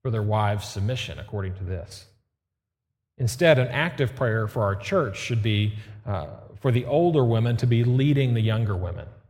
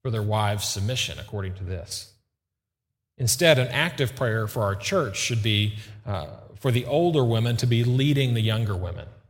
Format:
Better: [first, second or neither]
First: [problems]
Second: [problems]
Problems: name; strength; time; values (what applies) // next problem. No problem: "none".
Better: second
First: muffled; slightly; fading above 3 kHz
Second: none